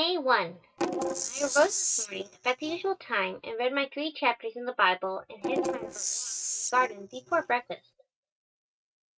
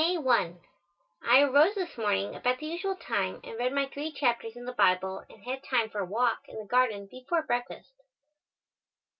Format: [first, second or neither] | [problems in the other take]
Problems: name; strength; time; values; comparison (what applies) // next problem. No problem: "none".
second | noise reduction (neural mask model RNNoise)